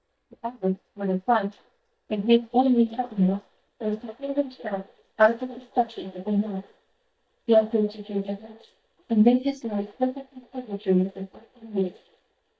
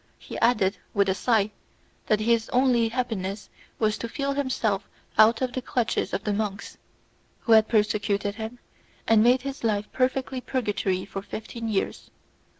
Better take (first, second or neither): second